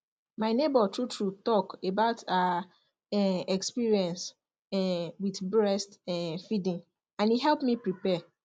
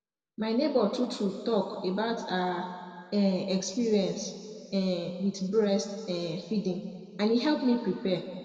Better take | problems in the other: first | room echo; dies away in 2.1 s

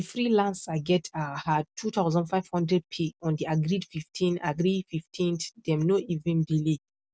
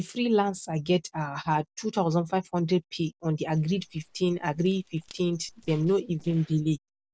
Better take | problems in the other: first | noise reduction (neural separator model SepFormer DNS4)

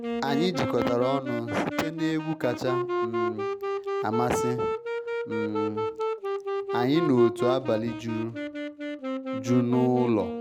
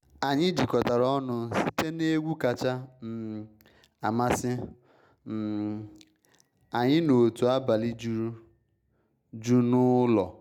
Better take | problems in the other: second | background sound (Wind instrument, woodwind instrument); 2 dB below the speech

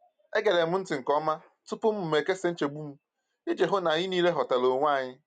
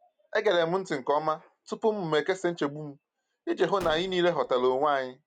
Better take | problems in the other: first | background sound (Gunshot, gunfire); 17 dB below the speech

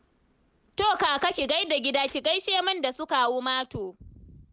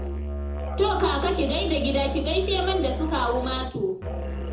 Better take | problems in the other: first | background sound (Musical instrument); 4 dB below the speech // room echo; dies away in 0.5 s

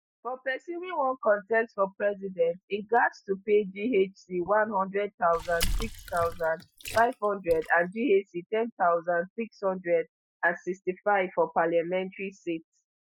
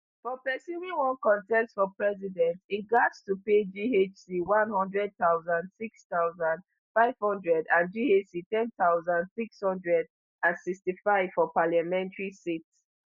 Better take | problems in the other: second | noise reduction (classical method Wiener filter)

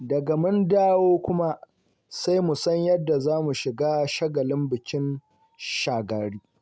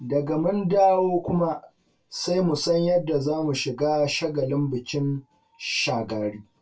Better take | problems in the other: first | room echo; dies away in 0.2 s

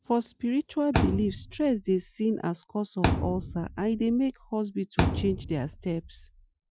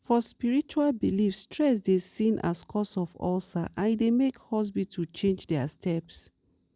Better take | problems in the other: second | noise reduction (classical method Wiener filter)

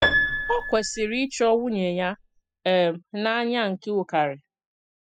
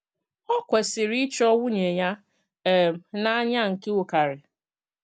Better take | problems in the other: second | noise reduction (classical method spectral subtraction)

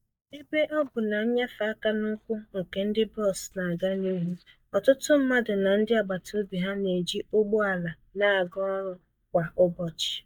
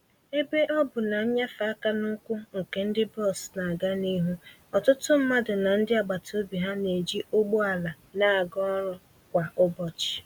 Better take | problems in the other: second | noise reduction (neural mask model DeepFilterNet 3)

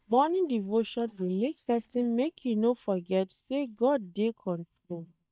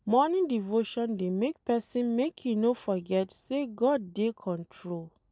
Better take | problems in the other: second | noise reduction (neural mask model DeepFilterNet 3)

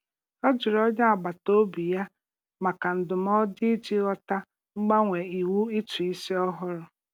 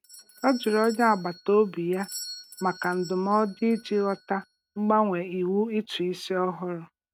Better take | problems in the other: first | noise reduction (neural mask model RNNoise)

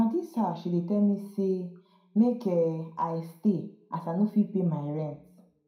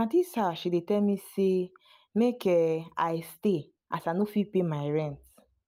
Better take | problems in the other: second | room echo; dies away in 0.4 s

